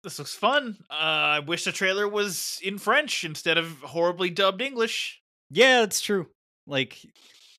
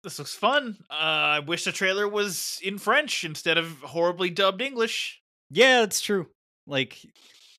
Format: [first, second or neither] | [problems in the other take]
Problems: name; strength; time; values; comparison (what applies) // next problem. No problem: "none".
neither | none